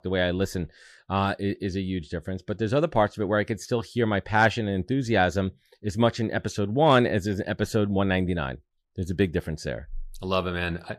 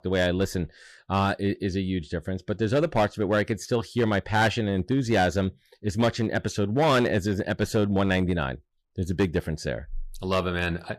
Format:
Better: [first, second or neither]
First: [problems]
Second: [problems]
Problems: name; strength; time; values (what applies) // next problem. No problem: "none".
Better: first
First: none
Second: distortion; slight; 4% of the sound clipped